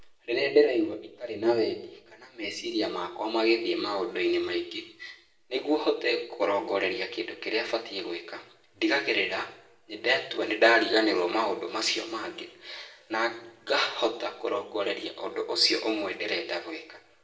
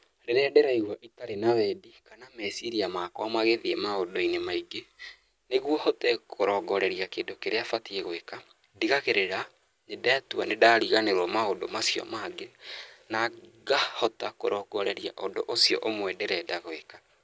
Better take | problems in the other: second | room echo; dies away in 0.6 s

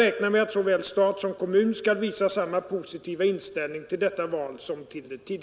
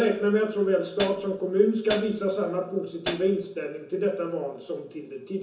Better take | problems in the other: first | background sound (Hi-hat); 8 dB below the speech // room echo; dies away in 0.8 s

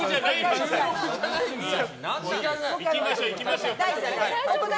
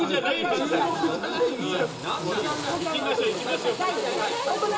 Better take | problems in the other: first | background sound (Drill); 12 dB below the speech // room echo; dies away in 0.2 s

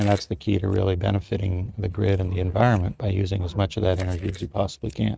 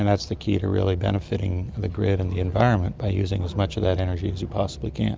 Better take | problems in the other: second | noise reduction (neural mask model RNNoise)

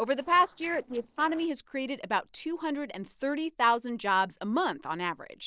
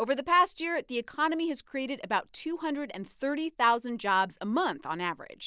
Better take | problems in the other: second | noise reduction (neural separator model SepFormer DNS4)

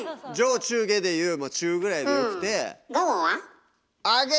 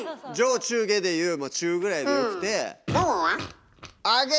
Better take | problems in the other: first | background sound (Fart); 9 dB below the speech

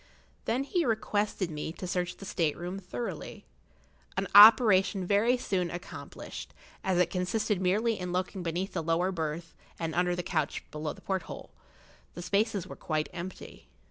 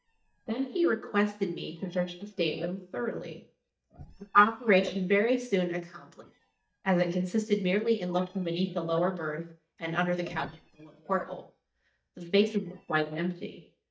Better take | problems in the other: first | noise reduction (neural mask model DeepFilterNet 3)

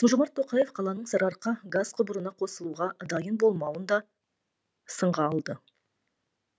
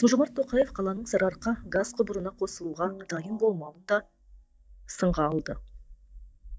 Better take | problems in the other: first | noise reduction (neural mask model DeepFilterNet 3)

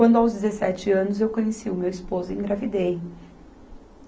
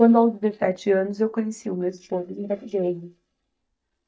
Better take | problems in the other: first | noise reduction (neural mask model DeepFilterNet 3)

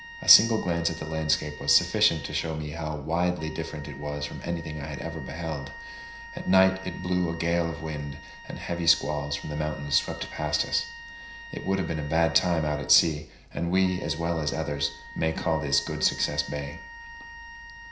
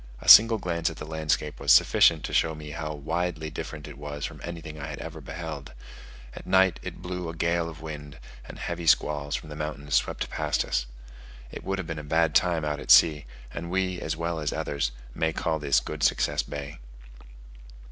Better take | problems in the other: second | background sound (Wind instrument, woodwind instrument); 16 dB below the speech // room echo; dies away in 0.5 s

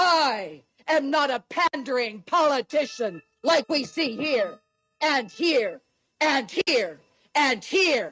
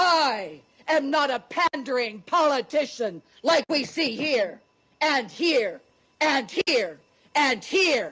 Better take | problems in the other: second | noise reduction (neural mask model RNNoise)

